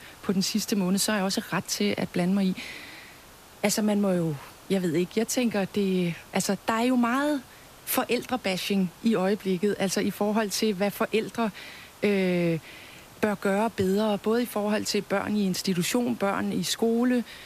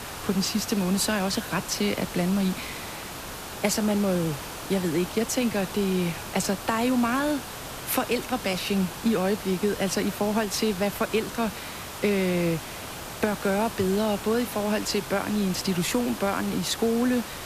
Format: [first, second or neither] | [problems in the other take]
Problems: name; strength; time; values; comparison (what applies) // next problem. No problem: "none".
first | hiss; loud; throughout; 9 dB below the speech; faint in the first